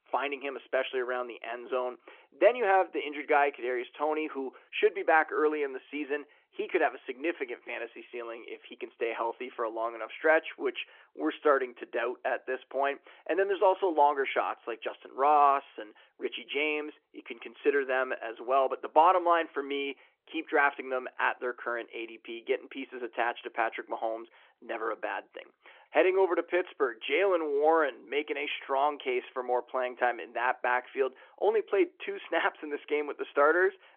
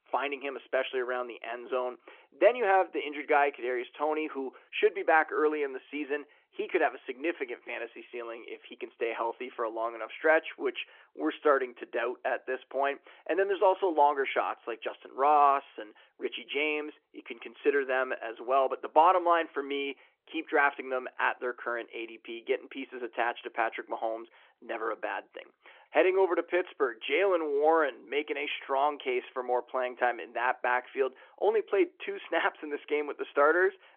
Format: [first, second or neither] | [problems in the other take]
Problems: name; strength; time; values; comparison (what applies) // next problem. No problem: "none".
neither | phone-call audio; the same in both